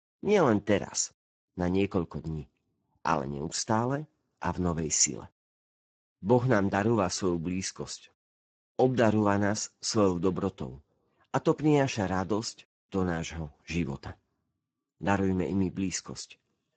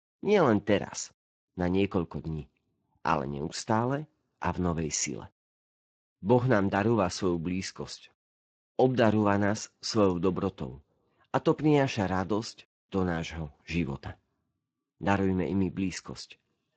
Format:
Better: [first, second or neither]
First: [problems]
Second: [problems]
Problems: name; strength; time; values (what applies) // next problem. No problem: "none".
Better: second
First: garbled, watery; badly; nothing above 7.5 kHz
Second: garbled, watery; slightly; nothing above 7.5 kHz